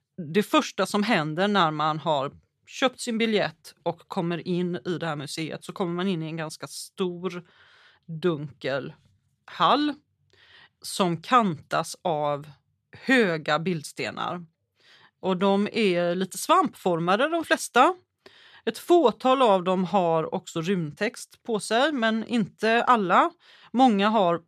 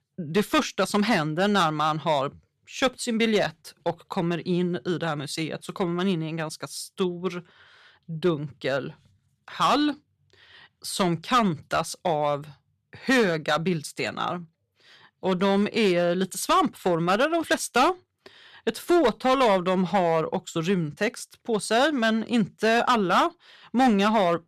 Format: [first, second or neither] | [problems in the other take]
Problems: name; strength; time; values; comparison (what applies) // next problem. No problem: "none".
first | distortion; slight; 4% of the sound clipped